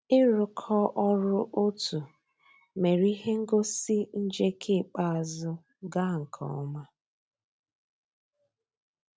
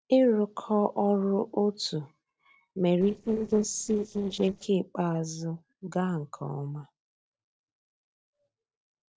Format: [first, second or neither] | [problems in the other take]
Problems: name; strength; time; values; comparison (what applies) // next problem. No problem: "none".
first | noise reduction (neural separator model SepFormer DNS4)